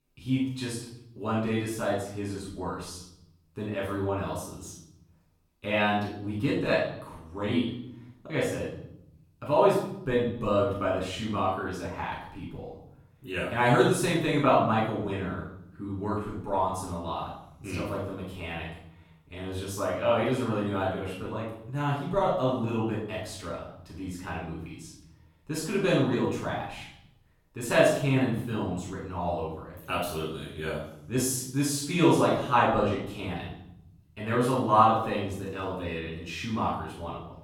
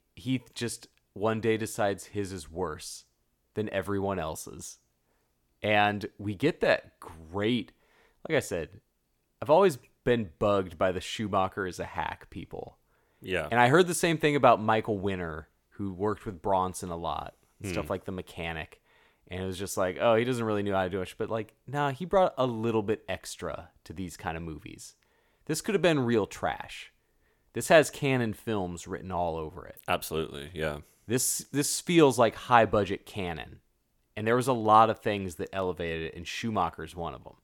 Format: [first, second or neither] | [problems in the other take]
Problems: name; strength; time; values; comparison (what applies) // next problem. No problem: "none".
second | off-mic speech; far // room echo; noticeable; dies away in 0.7 s